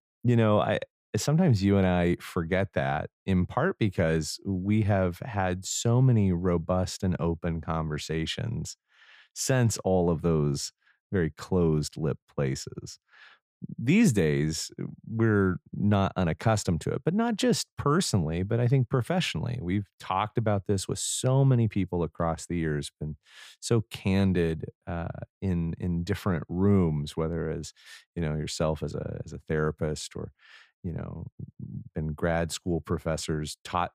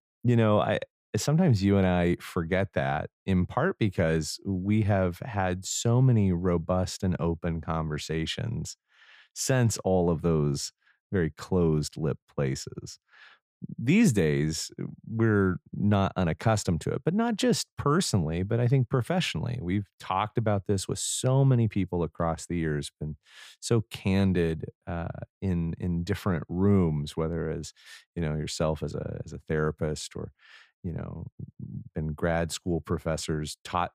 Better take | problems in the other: neither | none

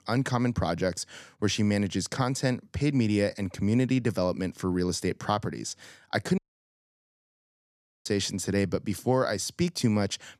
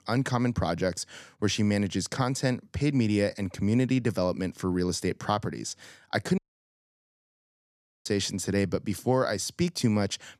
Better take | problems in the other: neither | audio cutting out; at 6.5 s for 1.5 s; the same in both

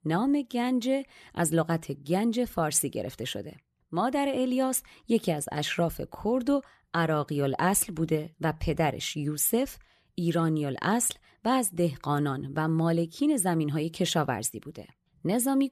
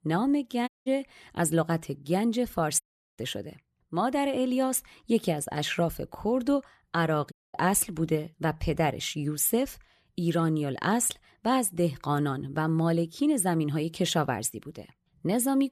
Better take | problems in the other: first | audio cutting out; at 0.5 s, at 3 s and at 7.5 s

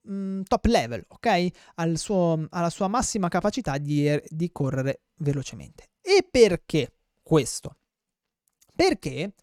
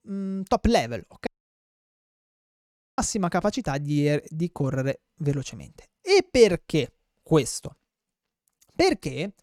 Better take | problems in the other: first | audio cutting out; at 1.5 s for 1.5 s

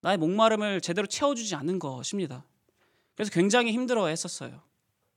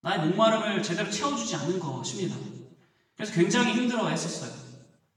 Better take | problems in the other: first | room echo; noticeable; dies away in 1.1 s // off-mic speech; far

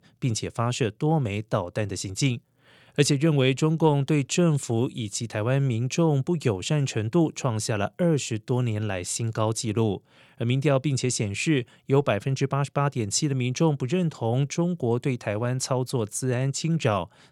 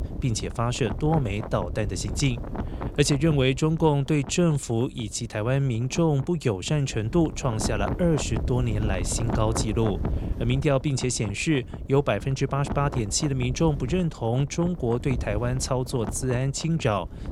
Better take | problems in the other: first | wind noise on the microphone; occasional gusts; 10 dB below the speech

